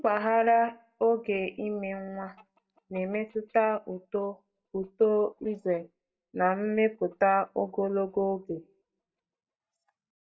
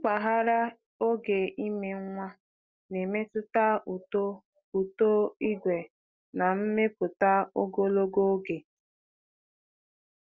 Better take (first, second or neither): second